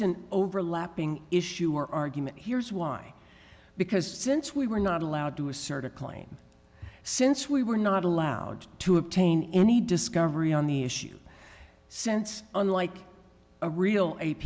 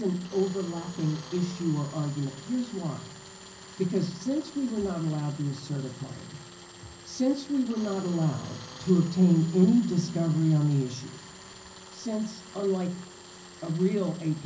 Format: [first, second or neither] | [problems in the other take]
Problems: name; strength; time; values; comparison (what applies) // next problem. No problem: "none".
first | background sound (Tools); 18 dB below the speech // room echo; dies away in 0.5 s